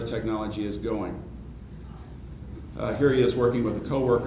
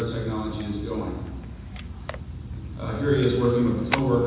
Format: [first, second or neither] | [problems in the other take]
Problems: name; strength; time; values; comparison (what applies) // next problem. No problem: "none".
first | background sound (Camera); 14 dB below the speech // room echo; dies away in 1.1 s